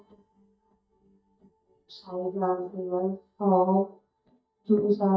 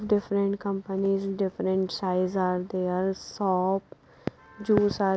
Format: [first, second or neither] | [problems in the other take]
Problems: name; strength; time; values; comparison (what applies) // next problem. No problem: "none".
second | noise reduction (neural mask model DeepFilterNet 3)